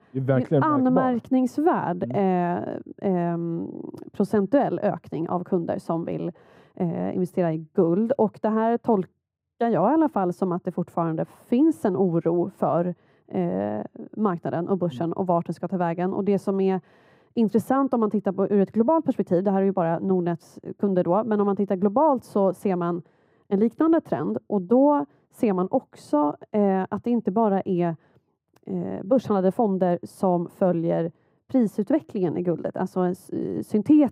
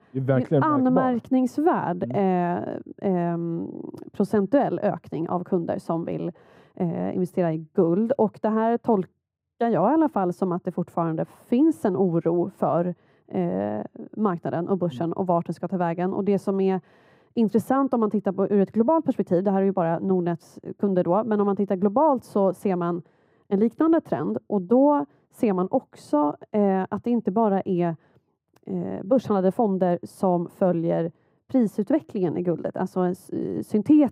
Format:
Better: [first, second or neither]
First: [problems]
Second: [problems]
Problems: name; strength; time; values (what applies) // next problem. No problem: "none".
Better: neither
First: muffled; very; fading above 1.5 kHz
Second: muffled; very; fading above 1.5 kHz